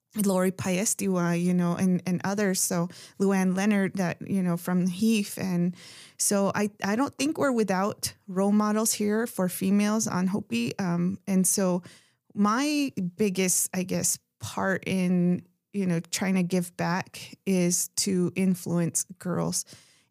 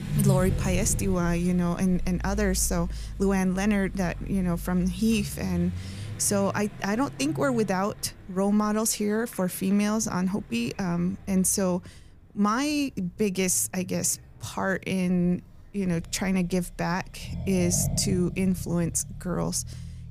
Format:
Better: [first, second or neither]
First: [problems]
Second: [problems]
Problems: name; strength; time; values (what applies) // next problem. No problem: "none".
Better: first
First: none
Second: traffic noise; loud; throughout; 9 dB below the speech